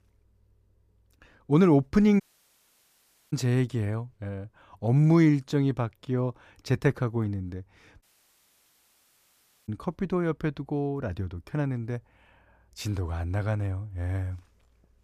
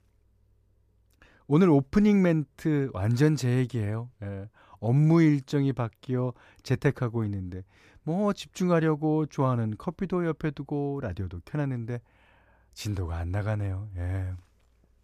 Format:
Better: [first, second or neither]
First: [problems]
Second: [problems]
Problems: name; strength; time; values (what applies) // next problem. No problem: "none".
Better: second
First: audio cutting out; at 2 s for 1 s and at 8 s for 1.5 s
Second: none